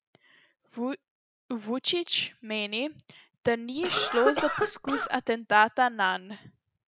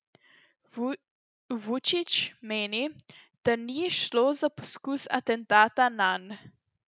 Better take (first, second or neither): second